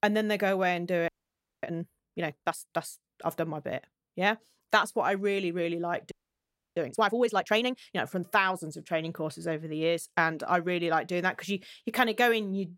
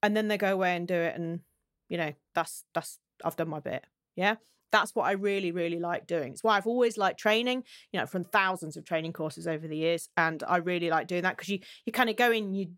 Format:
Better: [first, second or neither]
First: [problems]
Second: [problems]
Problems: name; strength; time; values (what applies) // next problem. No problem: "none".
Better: second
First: audio freezing; at 1 s for 0.5 s and at 6 s for 0.5 s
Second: none